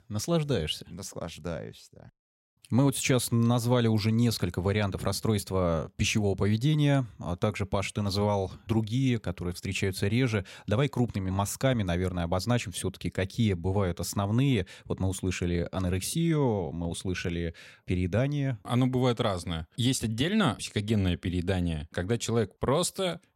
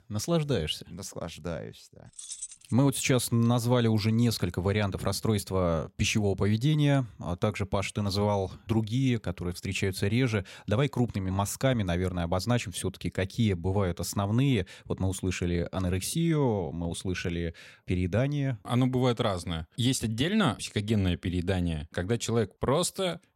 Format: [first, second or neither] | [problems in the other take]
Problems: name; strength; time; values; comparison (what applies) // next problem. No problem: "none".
first | jangling keys; noticeable; at 2 s; peak 10 dB below the speech